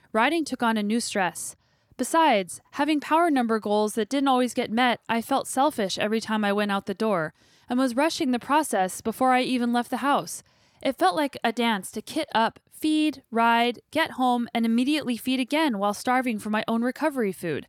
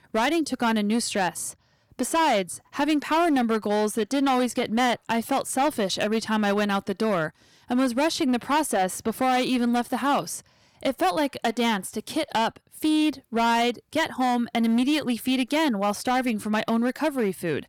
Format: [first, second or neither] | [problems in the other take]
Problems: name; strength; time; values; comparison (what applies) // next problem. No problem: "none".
first | distortion; slight; 11% of the sound clipped